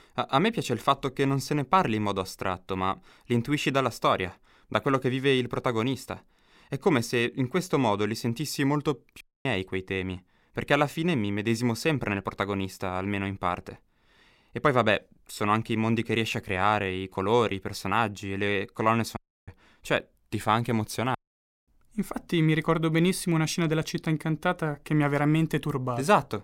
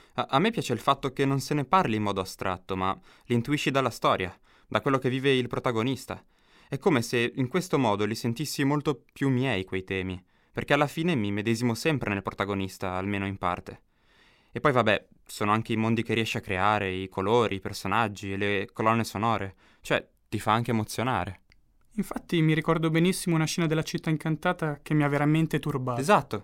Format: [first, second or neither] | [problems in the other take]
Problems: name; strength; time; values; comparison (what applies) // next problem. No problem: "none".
second | audio cutting out; at 9 s, at 19 s and at 21 s for 0.5 s